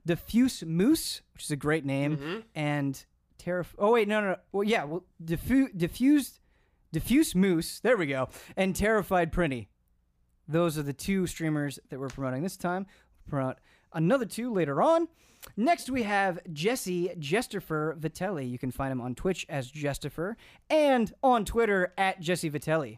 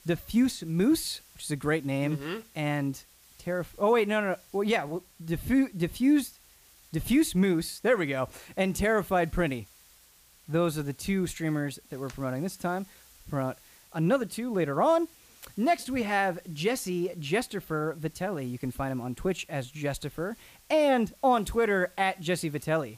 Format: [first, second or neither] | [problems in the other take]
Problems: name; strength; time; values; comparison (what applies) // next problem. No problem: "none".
first | hiss; faint; throughout; 25 dB below the speech